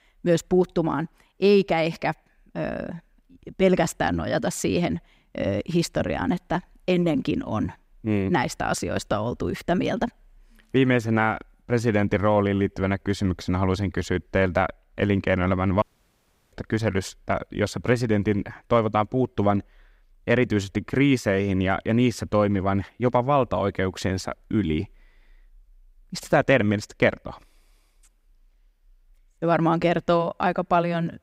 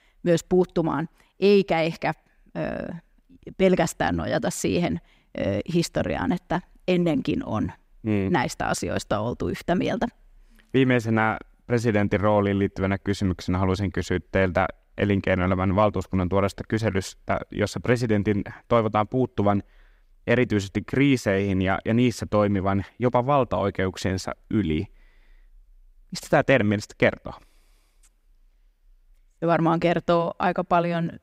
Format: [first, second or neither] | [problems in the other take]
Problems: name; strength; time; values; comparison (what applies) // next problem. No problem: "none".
second | audio cutting out; at 16 s for 0.5 s